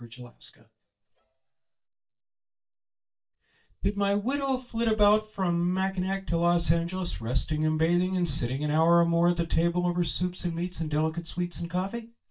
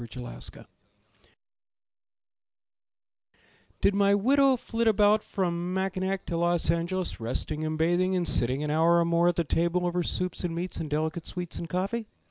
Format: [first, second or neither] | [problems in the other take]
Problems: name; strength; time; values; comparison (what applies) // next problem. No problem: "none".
second | noise reduction (neural mask model DeepFilterNet 3)